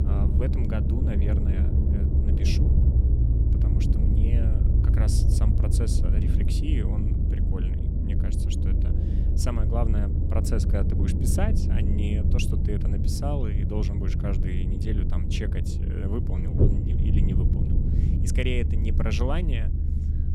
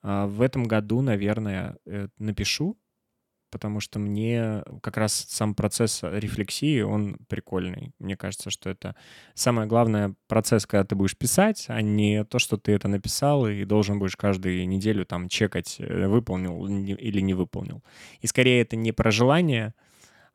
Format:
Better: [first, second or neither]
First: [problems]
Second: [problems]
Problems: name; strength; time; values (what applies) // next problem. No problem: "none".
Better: second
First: low rumble; loud; throughout; 1 dB below the speech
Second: none